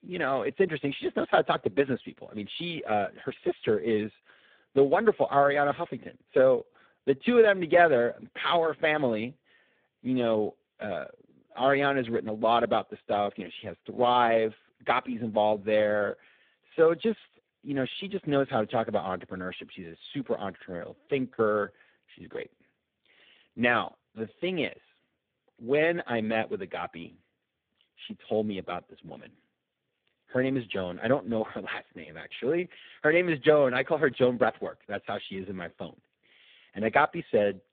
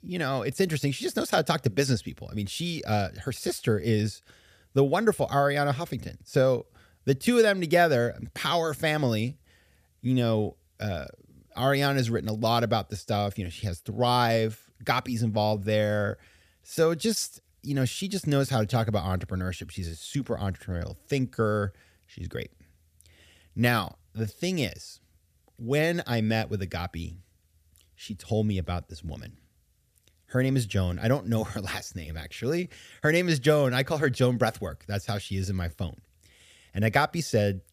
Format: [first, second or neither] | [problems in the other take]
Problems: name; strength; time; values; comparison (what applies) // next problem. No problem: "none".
second | phone-call audio; poor line; nothing above 3.5 kHz